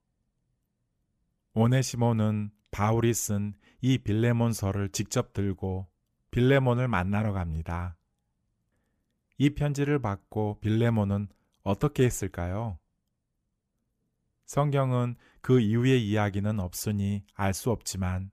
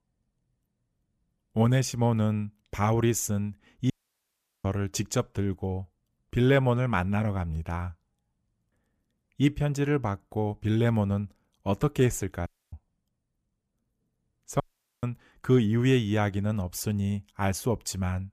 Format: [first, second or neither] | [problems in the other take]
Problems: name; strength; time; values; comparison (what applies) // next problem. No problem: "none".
first | audio cutting out; at 4 s for 0.5 s, at 12 s and at 15 s